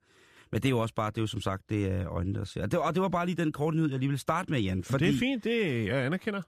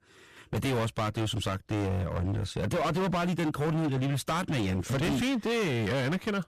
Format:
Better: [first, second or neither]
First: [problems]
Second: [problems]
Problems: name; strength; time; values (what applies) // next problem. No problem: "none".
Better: first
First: none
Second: distortion; heavy; 30% of the sound clipped